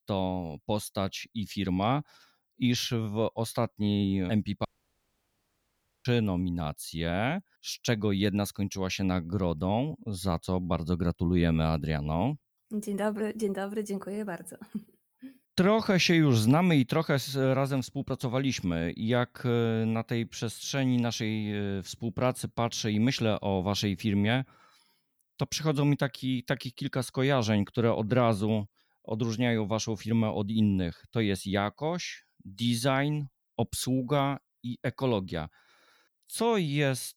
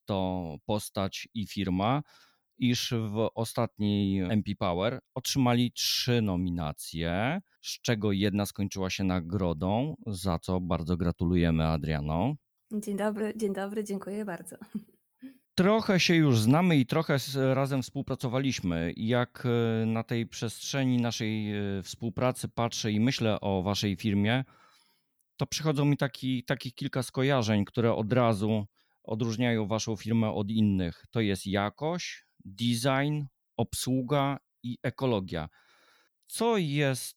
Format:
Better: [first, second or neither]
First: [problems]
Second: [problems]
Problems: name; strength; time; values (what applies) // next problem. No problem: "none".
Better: second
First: audio cutting out; at 4.5 s for 1.5 s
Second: none